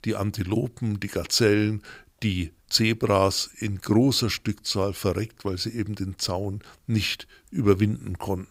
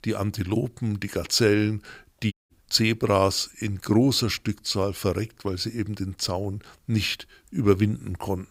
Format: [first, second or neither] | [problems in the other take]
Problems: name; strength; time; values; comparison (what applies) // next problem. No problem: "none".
first | audio cutting out; at 2.5 s